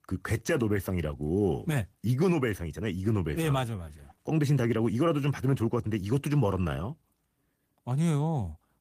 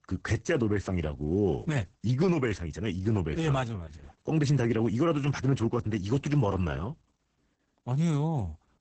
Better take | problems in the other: first | garbled, watery; badly; nothing above 8 kHz; slightly in the first

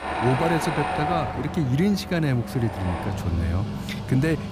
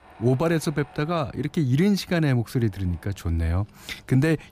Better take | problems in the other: second | machinery noise; loud; throughout; 4 dB below the speech; faint in the second

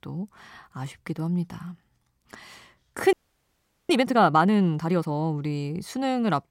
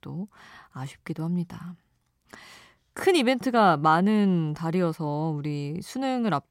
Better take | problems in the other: second | audio freezing; at 3 s for 1 s

